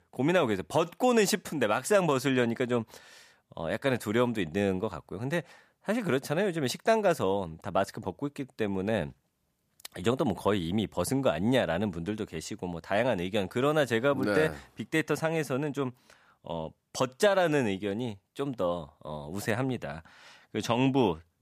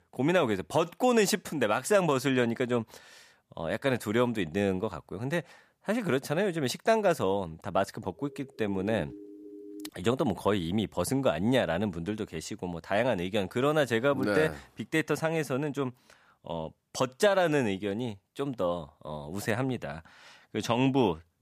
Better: first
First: none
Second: siren; faint; from 8 to 10 s; peak 15 dB below the speech

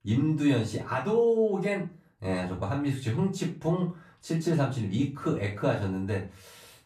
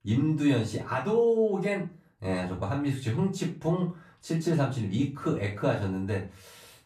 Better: neither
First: off-mic speech; far // room echo; slight; dies away in 0.3 s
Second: off-mic speech; far // room echo; slight; dies away in 0.3 s

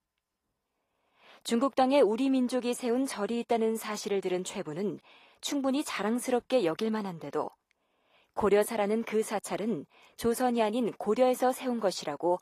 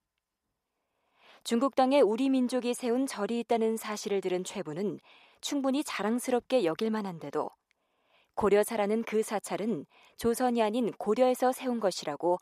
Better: second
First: garbled, watery; slightly; nothing above 14.5 kHz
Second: none

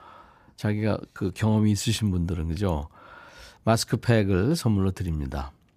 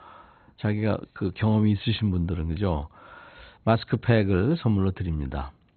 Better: first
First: none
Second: garbled, watery; badly; nothing above 4 kHz

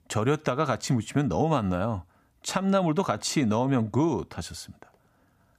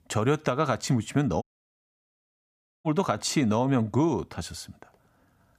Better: first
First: none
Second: audio cutting out; at 1.5 s for 1.5 s

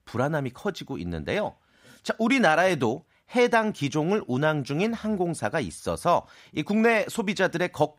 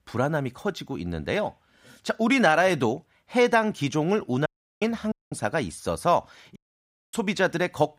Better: first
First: none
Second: audio cutting out; at 4.5 s, at 5 s and at 6.5 s for 0.5 s

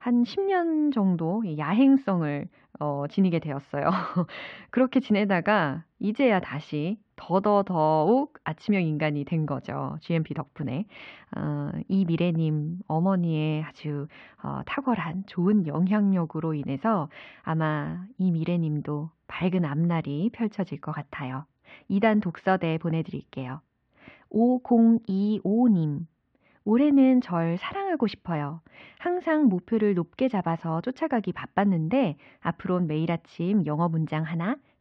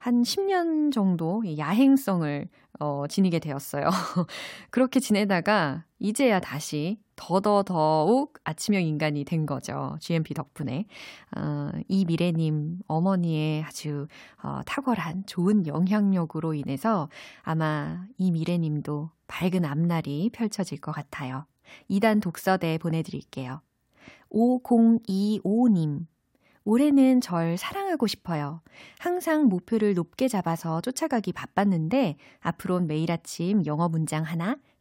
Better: second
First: muffled; slightly; fading above 3 kHz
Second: none

